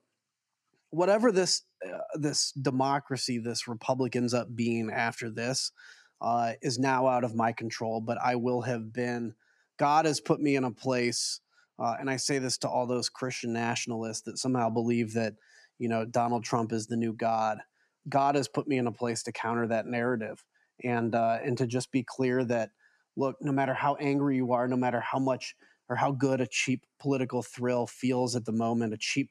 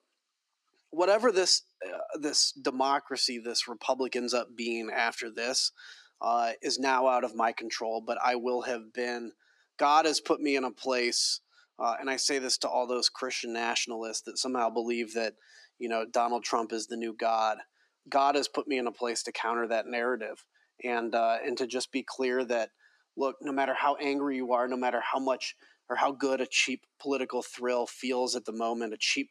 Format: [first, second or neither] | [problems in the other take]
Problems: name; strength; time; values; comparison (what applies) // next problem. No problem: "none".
first | thin; very slightly; fading below 300 Hz